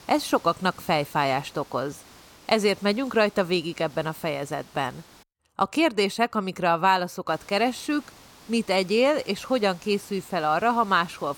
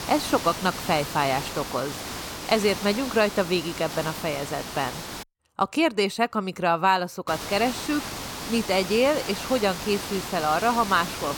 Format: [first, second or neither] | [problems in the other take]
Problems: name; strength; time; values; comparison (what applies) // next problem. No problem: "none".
first | hiss; loud; until 5 s and from 7.5 s on; 8 dB below the speech; faint in the first